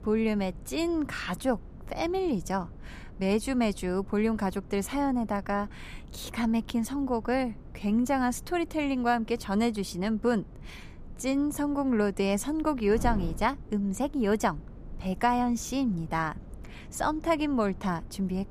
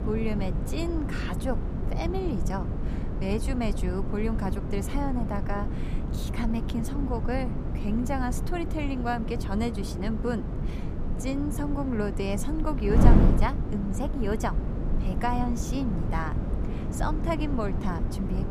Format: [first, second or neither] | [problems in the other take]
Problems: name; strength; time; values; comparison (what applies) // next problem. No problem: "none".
first | wind noise on the microphone; heavy; 5 dB below the speech; occasional gusts in the first